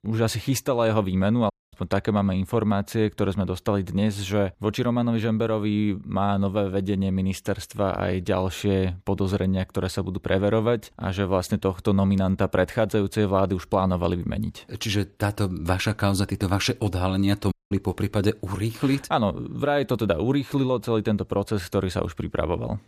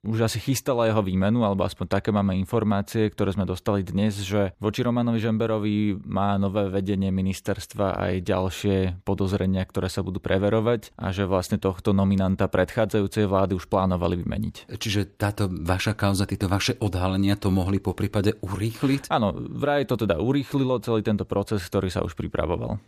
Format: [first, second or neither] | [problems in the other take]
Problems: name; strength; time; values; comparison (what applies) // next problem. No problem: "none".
second | audio cutting out; at 1.5 s and at 18 s